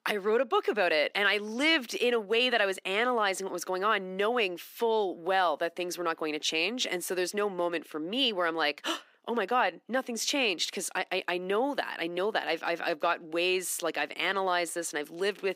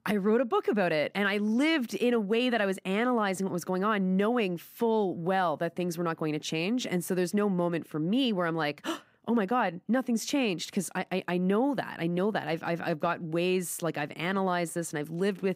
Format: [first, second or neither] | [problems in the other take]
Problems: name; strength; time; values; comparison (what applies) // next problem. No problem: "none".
second | thin; somewhat; fading below 350 Hz